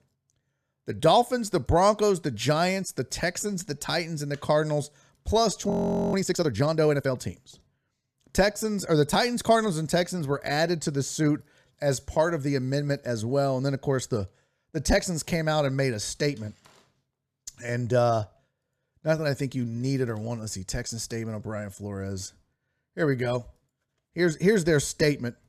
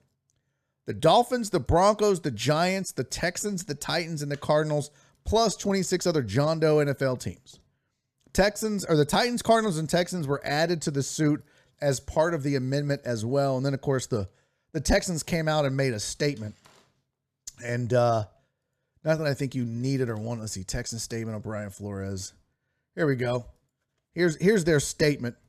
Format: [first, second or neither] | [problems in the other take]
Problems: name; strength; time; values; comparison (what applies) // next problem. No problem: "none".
second | audio freezing; at 5.5 s